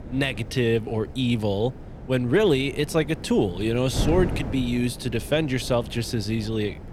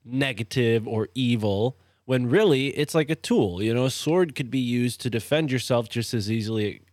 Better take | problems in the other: second | wind noise on the microphone; occasional gusts; 15 dB below the speech

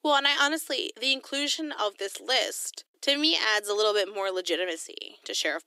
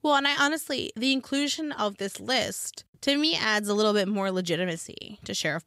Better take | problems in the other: second | thin; somewhat; fading below 300 Hz

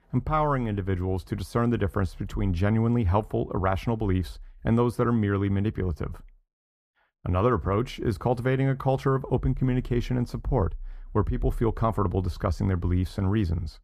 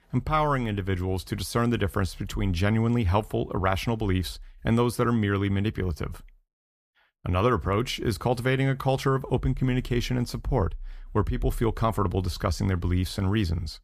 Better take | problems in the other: second | muffled; slightly; fading above 2 kHz

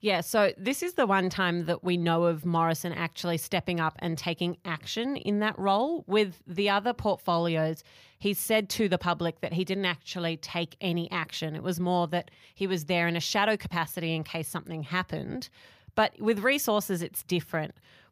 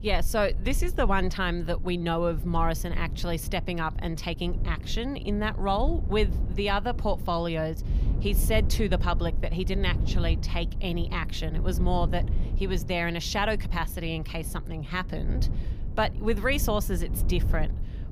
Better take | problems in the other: first | low rumble; noticeable; throughout; 15 dB below the speech

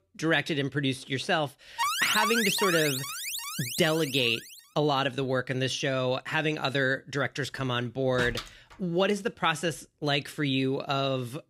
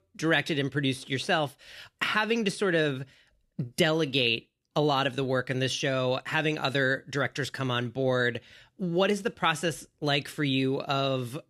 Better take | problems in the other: second | alarm; loud; from 2 to 4.5 s; peak 2 dB above the speech // door banging; noticeable; from 7.5 to 9 s; peak 8 dB below the speech

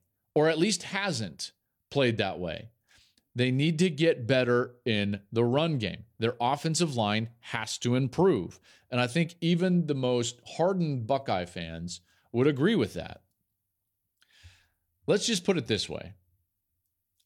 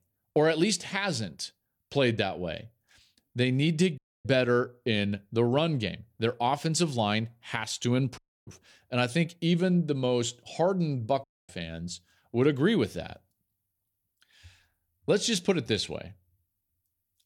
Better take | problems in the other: first | audio cutting out; at 4 s, at 8 s and at 11 s

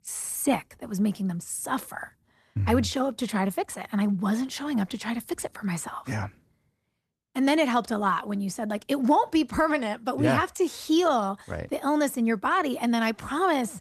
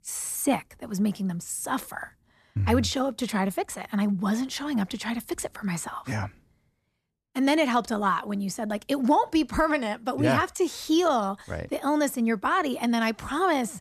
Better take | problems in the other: second | garbled, watery; slightly; nothing above 13.5 kHz

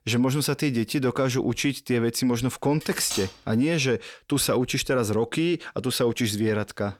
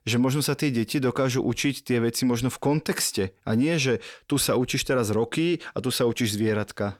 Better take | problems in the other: second | clattering dishes; noticeable; at 3 s; peak 7 dB below the speech

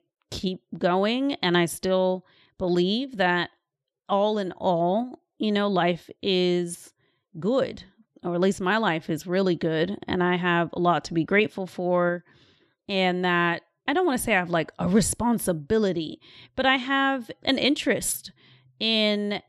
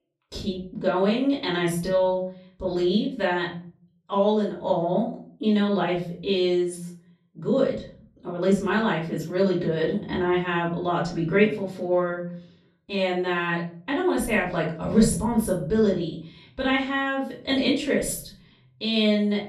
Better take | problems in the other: first | off-mic speech; far // room echo; slight; dies away in 0.6 s

